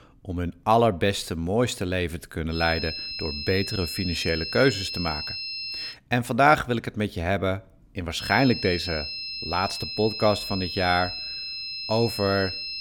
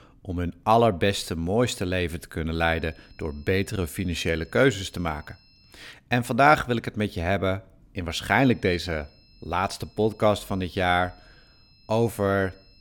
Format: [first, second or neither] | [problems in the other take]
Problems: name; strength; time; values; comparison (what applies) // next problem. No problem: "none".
second | high-pitched whine; loud; from 2.5 to 6 s and from 8 s on; 5 kHz, 5 dB below the speech; faint in the second